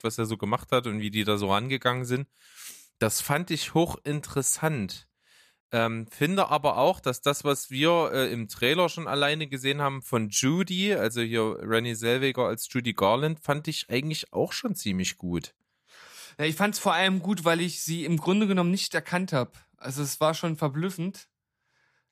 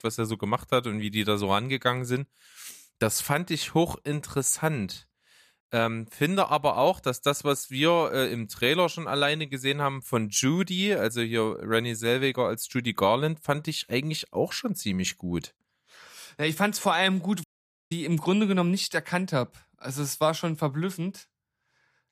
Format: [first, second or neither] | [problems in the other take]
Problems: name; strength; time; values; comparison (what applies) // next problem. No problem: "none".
first | audio cutting out; at 17 s